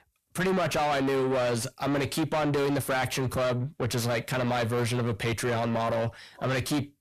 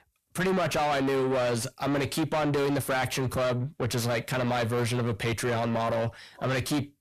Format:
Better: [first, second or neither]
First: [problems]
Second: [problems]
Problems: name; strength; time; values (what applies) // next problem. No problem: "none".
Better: neither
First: distortion; heavy; 6 dB below the speech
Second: distortion; heavy; 6 dB below the speech